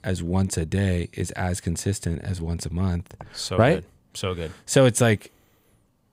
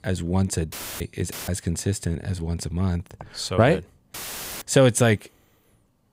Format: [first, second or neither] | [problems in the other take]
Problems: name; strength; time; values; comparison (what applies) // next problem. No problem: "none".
first | audio cutting out; filled with static; at 0.5 s, at 1.5 s and at 4 s